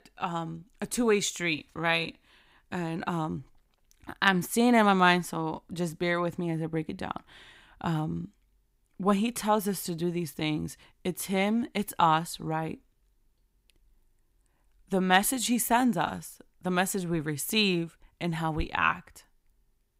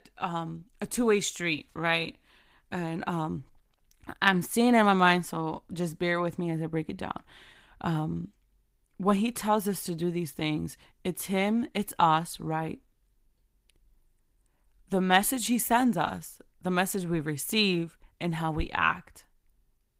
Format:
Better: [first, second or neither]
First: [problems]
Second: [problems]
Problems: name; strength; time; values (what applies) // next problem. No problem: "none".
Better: first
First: none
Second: garbled, watery; slightly; nothing above 15.5 kHz